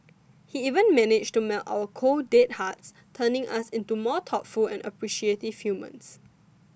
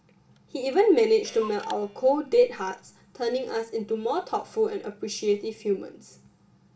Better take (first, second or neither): first